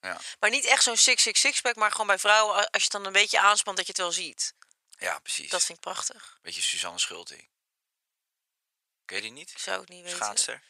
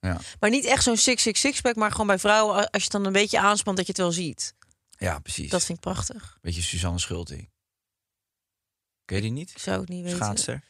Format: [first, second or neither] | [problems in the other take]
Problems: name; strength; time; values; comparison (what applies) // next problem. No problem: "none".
second | thin; very; fading below 750 Hz